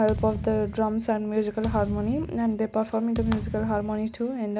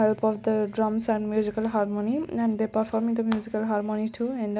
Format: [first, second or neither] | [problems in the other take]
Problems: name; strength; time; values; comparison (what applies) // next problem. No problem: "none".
second | background sound (Thump, thud); 9 dB below the speech